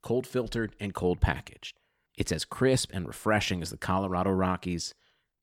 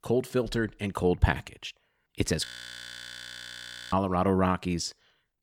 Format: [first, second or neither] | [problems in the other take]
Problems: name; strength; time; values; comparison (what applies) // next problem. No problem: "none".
first | audio freezing; at 2.5 s for 1.5 s